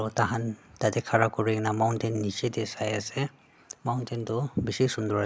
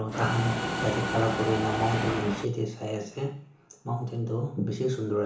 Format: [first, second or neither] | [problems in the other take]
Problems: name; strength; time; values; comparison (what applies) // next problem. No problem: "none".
first | background sound (Mechanisms); 1 dB below the speech // room echo; dies away in 0.8 s